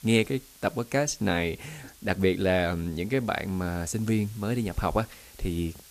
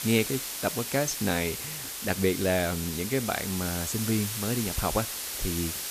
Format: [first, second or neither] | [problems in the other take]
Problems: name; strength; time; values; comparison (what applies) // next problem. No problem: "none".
first | hiss; loud; throughout; 3 dB below the speech; faint in the first